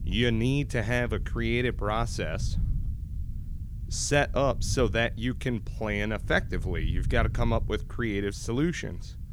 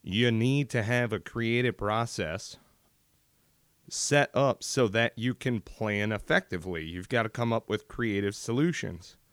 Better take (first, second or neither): second